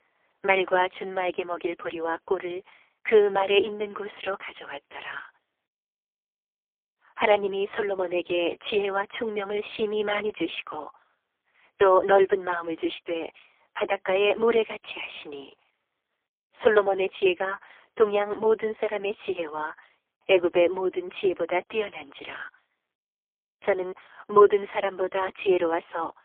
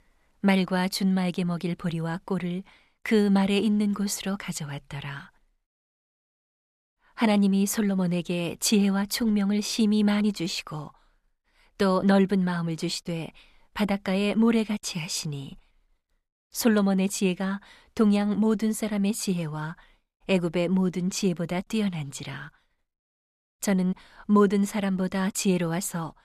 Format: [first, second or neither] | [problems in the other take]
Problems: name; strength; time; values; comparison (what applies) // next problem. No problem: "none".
second | phone-call audio; poor line; nothing above 3 kHz